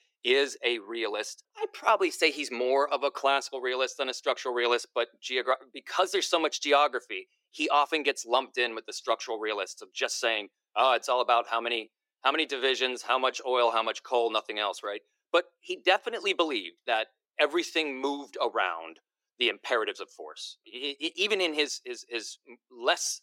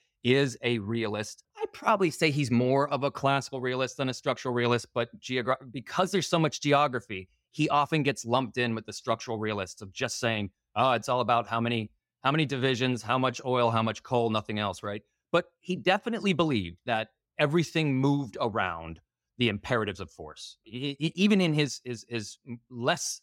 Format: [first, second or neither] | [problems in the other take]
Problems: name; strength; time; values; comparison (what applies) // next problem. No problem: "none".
second | thin; very; fading below 350 Hz